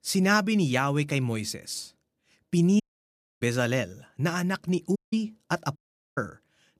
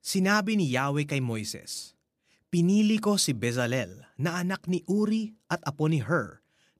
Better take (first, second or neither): second